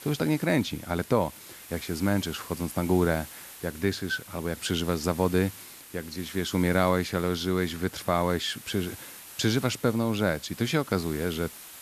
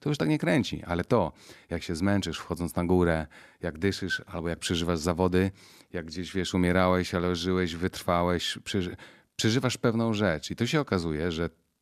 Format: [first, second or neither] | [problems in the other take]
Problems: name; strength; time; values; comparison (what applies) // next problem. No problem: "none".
second | hiss; noticeable; throughout; 15 dB below the speech